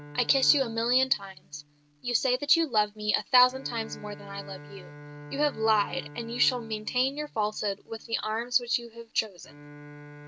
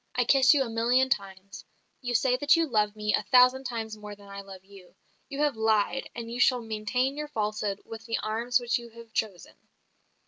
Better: second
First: background sound (Bowed string instrument); 17 dB below the speech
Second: none

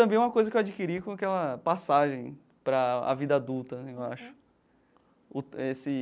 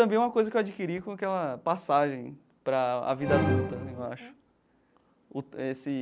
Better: first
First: none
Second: background sound (Musical instrument); 2 dB below the speech

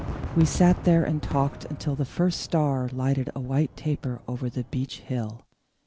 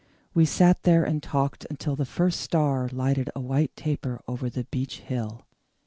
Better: second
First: background sound (Fireworks); 12 dB below the speech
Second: none

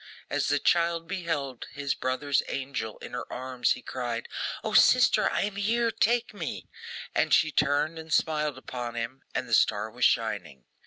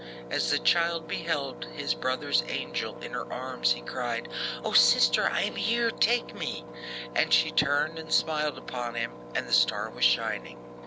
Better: first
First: none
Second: background sound (Engine); 12 dB below the speech

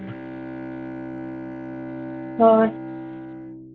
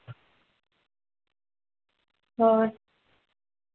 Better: second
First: background sound (Bowed string instrument); 8 dB below the speech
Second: none

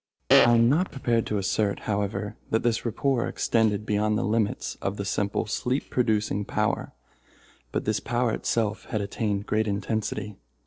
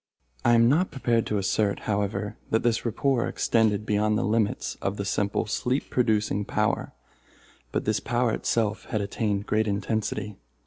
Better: second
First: noise reduction (neural separator model SepFormer DNS4)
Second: none

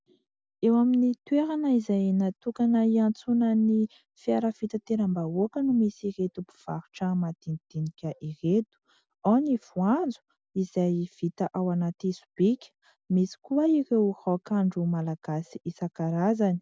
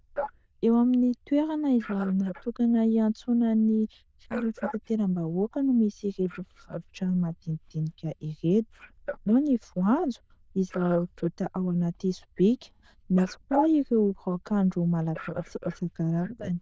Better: first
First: none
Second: noise reduction (neural diffusion model UNIVERSE++)

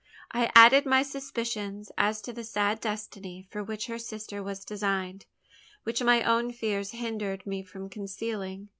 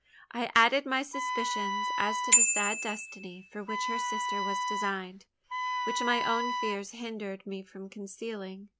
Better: first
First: none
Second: background sound (Bicycle bell + Wind instrument, woodwind instrument); 4 dB above the speech

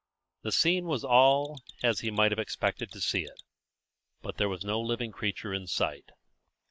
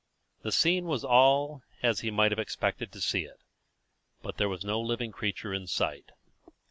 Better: second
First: noise reduction (neural mask model Resemble Enhance denoiser)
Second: none

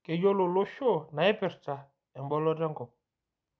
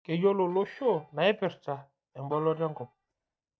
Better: first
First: none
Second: noise reduction (neural mask model DeepFilterNet 3)

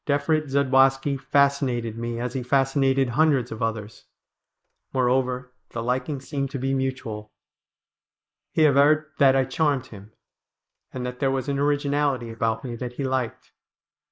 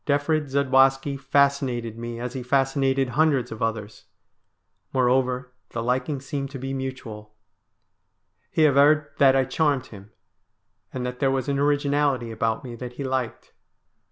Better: second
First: noise reduction (neural mask model Resemble Enhance denoiser)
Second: none

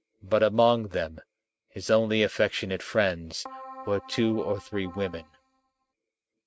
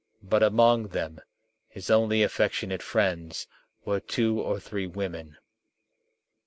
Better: second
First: noise reduction (neural mask model RNNoise)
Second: none

